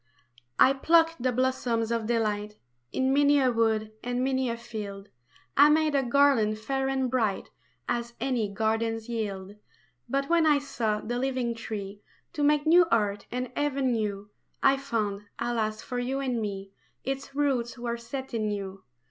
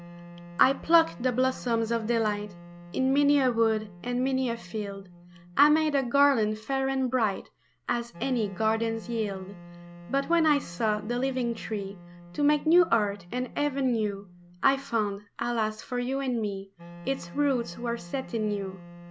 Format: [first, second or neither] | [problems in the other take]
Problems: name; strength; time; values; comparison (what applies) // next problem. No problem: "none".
first | background sound (Wind instrument, woodwind instrument); 18 dB below the speech